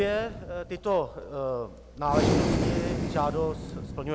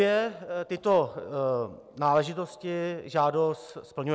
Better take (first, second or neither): second